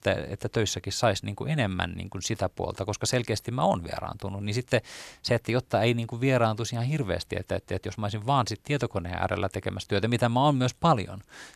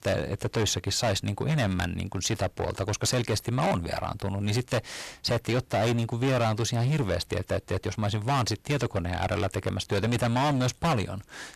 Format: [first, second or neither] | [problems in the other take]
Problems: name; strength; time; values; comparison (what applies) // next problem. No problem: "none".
first | distortion; heavy; 17% of the sound clipped